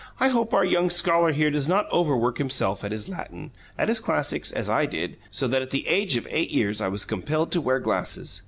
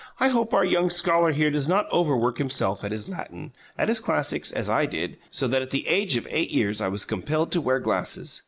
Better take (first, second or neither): first